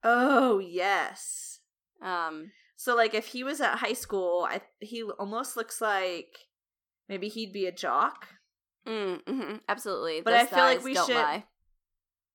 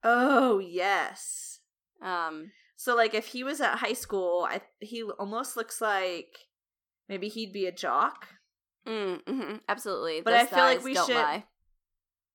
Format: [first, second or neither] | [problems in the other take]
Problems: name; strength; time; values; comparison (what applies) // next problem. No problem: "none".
neither | none